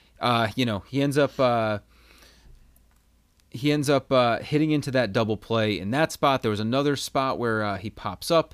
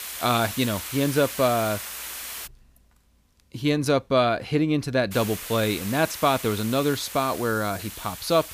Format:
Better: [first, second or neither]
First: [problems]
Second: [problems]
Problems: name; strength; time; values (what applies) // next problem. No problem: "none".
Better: first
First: none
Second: hiss; loud; until 2.5 s and from 5 s on; 10 dB below the speech